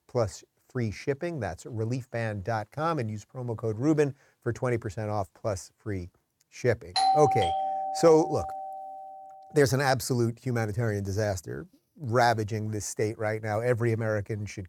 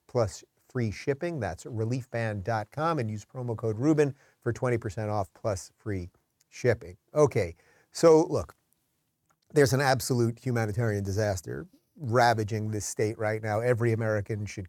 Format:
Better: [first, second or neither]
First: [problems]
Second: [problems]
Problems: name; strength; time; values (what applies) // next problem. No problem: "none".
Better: second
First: doorbell; loud; from 7 to 9 s; peak 5 dB above the speech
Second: none